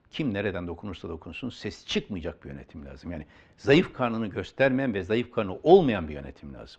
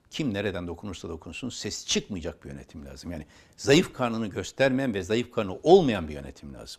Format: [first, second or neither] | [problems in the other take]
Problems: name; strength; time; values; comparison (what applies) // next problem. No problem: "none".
second | muffled; slightly; fading above 2.5 kHz